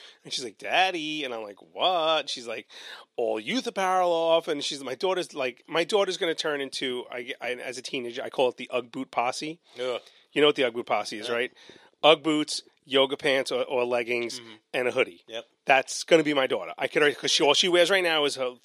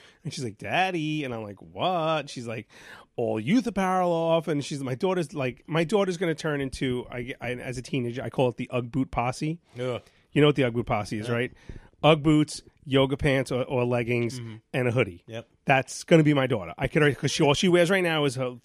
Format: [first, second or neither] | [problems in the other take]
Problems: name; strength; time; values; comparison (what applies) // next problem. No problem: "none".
second | thin; somewhat; fading below 450 Hz